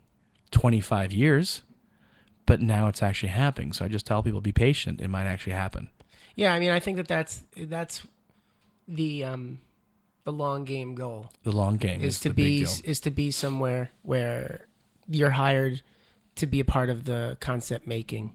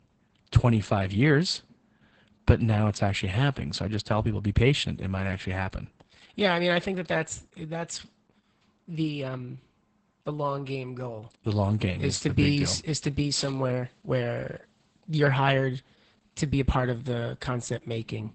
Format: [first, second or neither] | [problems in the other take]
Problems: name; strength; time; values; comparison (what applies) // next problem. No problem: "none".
first | garbled, watery; badly; nothing above 8 kHz; slightly in the first